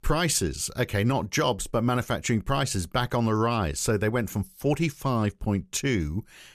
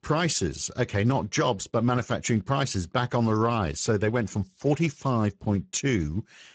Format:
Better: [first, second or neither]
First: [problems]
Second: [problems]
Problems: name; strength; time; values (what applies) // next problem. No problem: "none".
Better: first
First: none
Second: garbled, watery; badly; nothing above 7.5 kHz